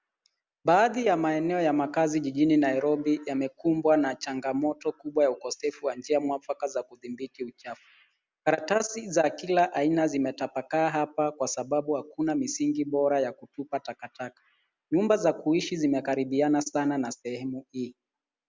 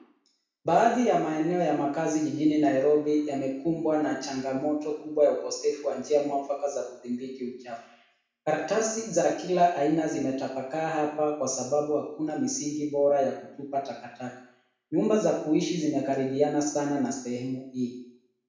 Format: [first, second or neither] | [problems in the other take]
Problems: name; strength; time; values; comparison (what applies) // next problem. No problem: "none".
first | room echo; dies away in 0.6 s